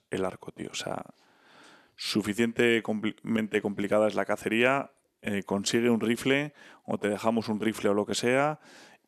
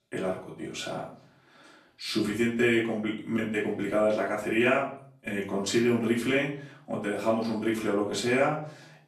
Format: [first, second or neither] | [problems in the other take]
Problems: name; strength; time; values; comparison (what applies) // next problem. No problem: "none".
first | off-mic speech; far // room echo; slight; dies away in 0.4 s